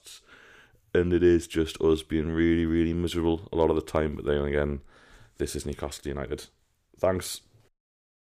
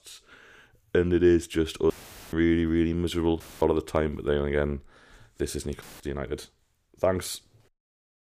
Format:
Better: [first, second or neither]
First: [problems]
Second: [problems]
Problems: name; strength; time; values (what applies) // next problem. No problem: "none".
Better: first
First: none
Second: audio cutting out; filled with static; at 2 s, at 3.5 s and at 6 s